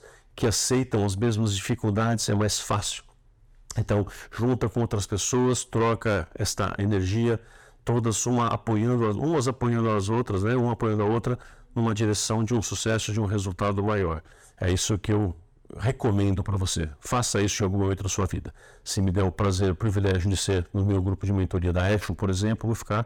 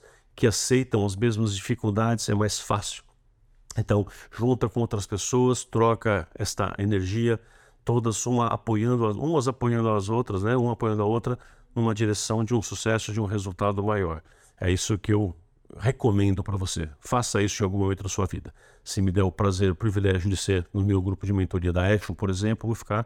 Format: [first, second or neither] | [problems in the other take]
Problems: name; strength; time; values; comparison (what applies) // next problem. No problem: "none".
second | distortion; slight; 10 dB below the speech